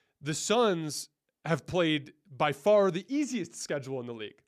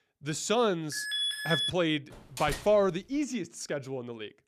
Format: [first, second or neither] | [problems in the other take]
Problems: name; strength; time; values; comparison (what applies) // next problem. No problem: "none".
first | alarm; loud; at 1 s; peak 1 dB above the speech // door banging; noticeable; at 2 s; peak 9 dB below the speech